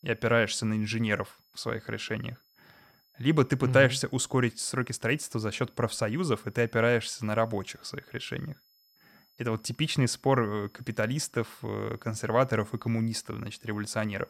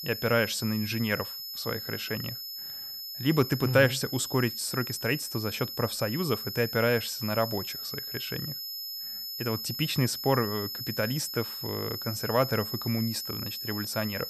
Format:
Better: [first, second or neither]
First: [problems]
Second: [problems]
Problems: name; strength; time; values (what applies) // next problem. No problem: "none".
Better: first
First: high-pitched whine; faint; throughout; 5 kHz, 35 dB below the speech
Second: high-pitched whine; loud; throughout; 5 kHz, 5 dB below the speech